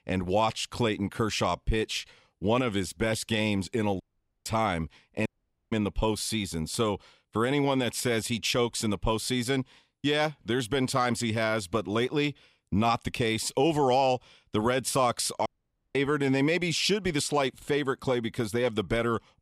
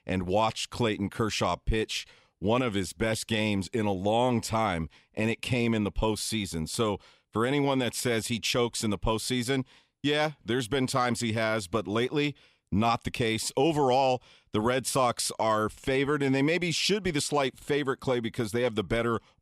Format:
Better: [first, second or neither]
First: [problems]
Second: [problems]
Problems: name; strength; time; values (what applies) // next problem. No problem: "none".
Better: second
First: audio cutting out; at 4 s, at 5.5 s and at 15 s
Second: none